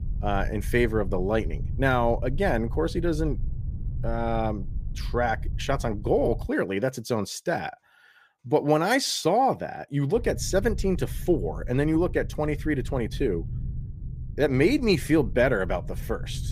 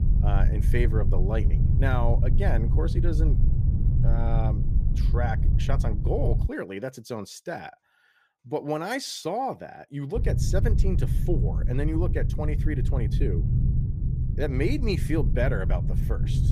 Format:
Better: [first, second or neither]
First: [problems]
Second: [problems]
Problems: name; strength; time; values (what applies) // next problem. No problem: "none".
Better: first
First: low rumble; faint; until 6.5 s and from 10 s on; 25 dB below the speech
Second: low rumble; loud; until 6.5 s and from 10 s on; 7 dB below the speech